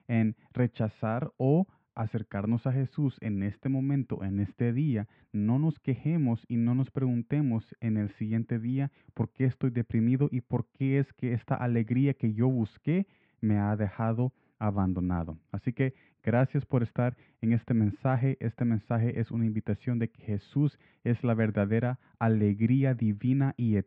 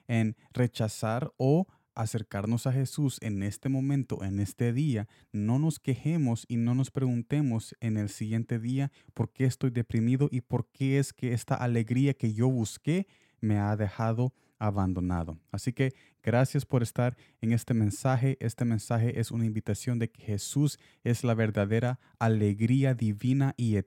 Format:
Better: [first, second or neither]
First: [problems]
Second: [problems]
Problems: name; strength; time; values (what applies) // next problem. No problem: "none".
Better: second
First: muffled; very; fading above 2.5 kHz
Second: none